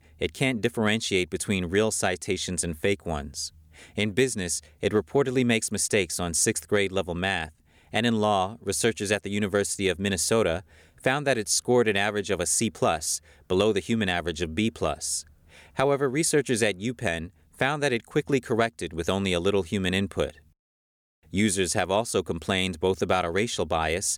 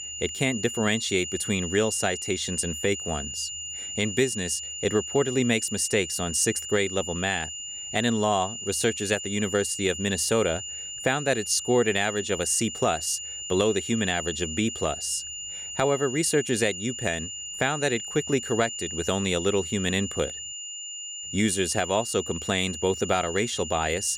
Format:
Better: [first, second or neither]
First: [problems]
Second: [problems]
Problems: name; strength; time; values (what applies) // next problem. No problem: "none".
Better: first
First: none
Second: high-pitched whine; loud; throughout; 3 kHz, 7 dB below the speech